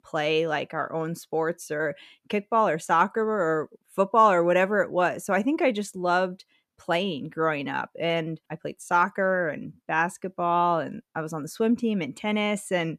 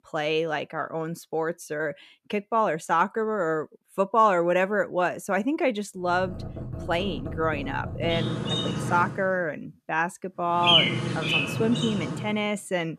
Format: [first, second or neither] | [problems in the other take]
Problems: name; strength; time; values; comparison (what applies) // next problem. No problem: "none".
first | animal sounds; loud; from 6 s on; as loud as the speech